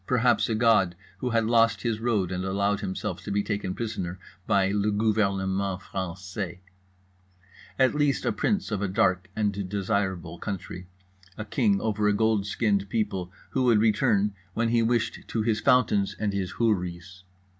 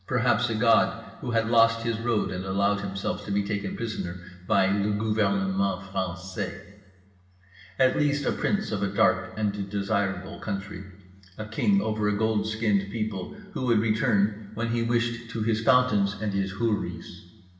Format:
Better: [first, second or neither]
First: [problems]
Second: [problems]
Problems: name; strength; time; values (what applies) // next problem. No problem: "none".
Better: first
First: none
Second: room echo; dies away in 1.2 s